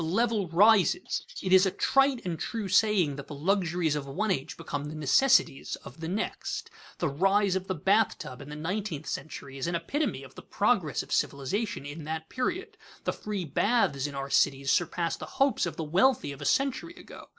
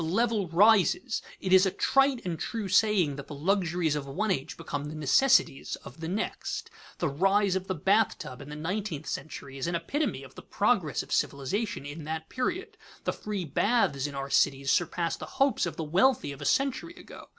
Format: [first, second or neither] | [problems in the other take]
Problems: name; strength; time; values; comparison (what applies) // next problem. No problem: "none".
second | noise reduction (neural mask model Resemble Enhance denoiser)